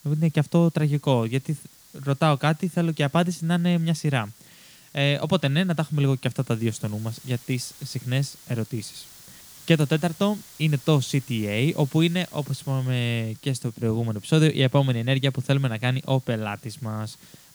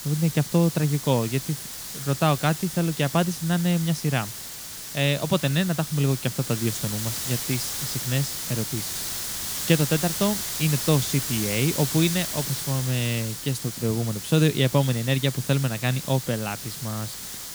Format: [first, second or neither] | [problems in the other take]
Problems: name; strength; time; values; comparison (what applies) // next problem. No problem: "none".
first | hiss; loud; throughout; 5 dB below the speech; faint in the first